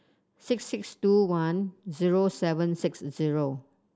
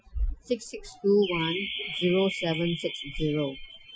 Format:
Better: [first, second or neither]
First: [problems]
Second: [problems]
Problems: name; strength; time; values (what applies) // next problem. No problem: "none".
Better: first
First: none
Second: noise reduction (classical method Wiener filter)